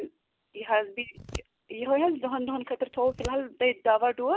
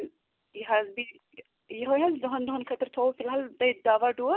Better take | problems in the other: second | background sound (Scissors); 15 dB below the speech

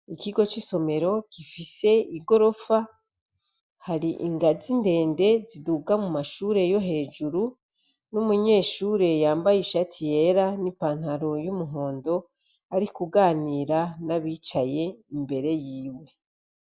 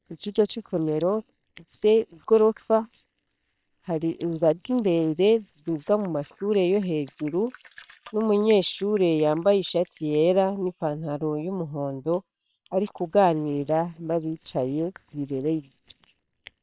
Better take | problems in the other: first | noise reduction (neural separator model SepFormer WHAM!)

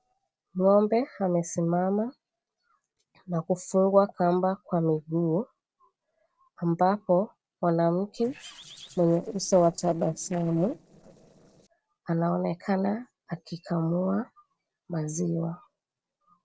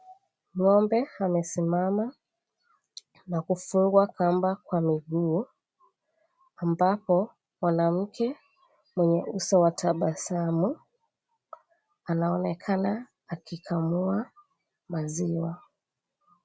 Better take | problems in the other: second | noise reduction (neural separator model SepFormer DNS4)

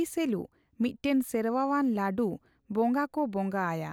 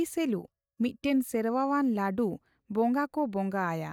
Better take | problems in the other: first | noise reduction (neural mask model DeepFilterNet 3)

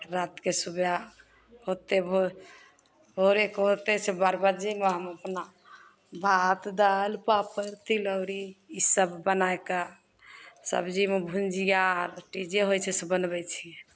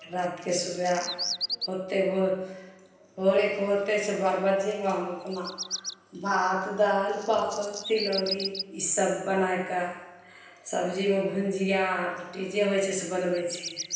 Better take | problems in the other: first | background sound (Bird vocalization, bird call, bird song); 12 dB below the speech // room echo; dies away in 0.9 s

